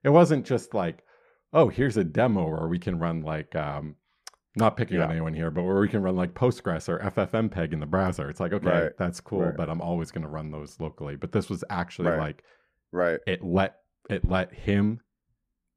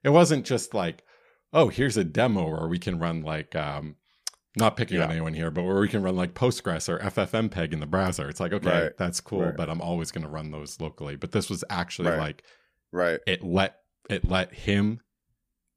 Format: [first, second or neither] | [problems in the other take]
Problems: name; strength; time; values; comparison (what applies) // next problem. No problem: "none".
second | muffled; slightly; fading above 2.5 kHz